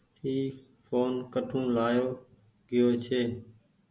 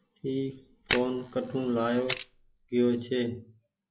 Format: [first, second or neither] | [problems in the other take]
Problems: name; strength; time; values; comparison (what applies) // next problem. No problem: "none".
first | noise reduction (classical method log-MMSE)